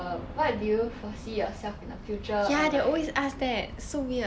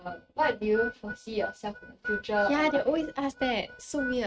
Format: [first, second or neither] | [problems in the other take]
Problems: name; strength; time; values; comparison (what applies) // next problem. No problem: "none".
first | noise reduction (neural mask model RNNoise)